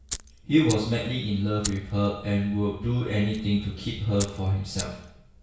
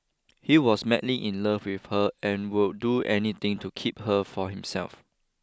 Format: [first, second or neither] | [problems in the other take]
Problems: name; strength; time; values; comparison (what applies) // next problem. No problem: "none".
second | background sound (Fire); 14 dB below the speech // room echo; dies away in 0.6 s